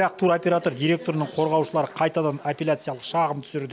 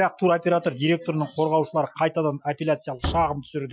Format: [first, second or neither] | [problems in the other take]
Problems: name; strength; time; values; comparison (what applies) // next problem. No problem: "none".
first | noise reduction (classical method Wiener filter)